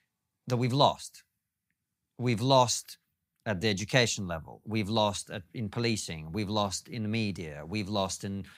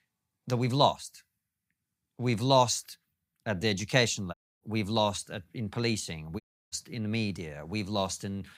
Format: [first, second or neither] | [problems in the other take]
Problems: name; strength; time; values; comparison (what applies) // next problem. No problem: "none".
first | audio cutting out; at 4.5 s and at 6.5 s